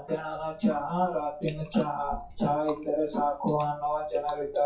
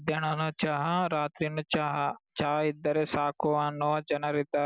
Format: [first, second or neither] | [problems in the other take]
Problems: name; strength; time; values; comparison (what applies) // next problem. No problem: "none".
second | noise reduction (classical method WPE with log-MMSE)